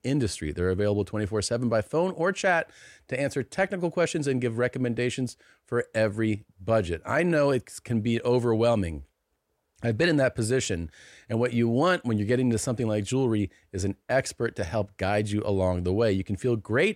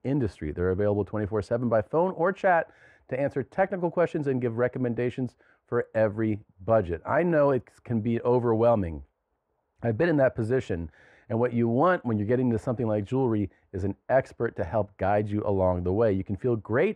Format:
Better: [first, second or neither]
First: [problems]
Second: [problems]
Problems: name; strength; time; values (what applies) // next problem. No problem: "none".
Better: first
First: none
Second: muffled; very; fading above 3 kHz